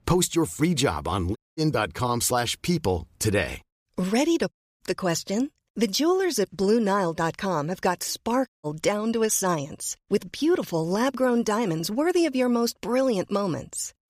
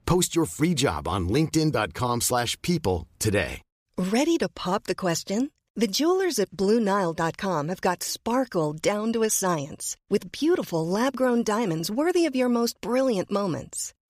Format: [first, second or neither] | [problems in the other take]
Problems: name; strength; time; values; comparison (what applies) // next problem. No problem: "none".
second | audio cutting out; at 1.5 s, at 4.5 s and at 8.5 s